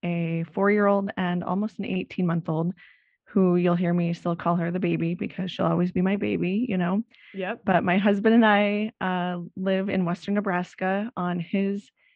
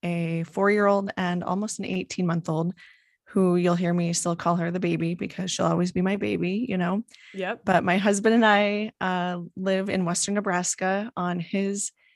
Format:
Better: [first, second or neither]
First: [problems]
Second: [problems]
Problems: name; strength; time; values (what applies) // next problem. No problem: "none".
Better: second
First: muffled; very; fading above 3 kHz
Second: none